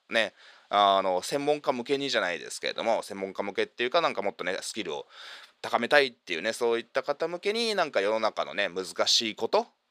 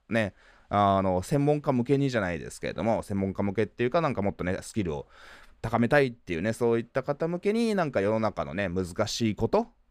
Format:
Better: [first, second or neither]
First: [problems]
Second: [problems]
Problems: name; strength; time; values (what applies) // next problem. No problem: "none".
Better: second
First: thin; somewhat; fading below 450 Hz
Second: none